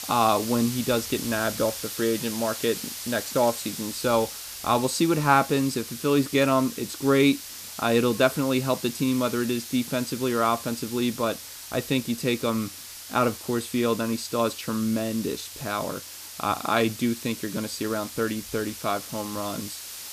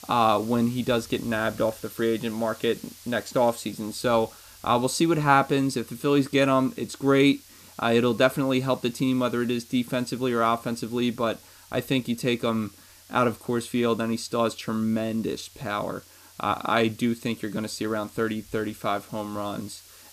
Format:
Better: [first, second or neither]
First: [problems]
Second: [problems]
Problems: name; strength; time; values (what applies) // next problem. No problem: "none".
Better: second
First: hiss; loud; throughout; 10 dB below the speech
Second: hiss; faint; throughout; 20 dB below the speech